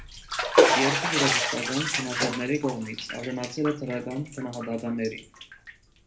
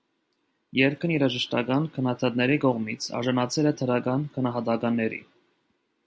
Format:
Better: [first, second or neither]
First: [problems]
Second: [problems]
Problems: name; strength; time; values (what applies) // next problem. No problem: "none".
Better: second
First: background sound (Bathtub (filling or washing)); 3 dB above the speech // room echo; dies away in 0.3 s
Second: none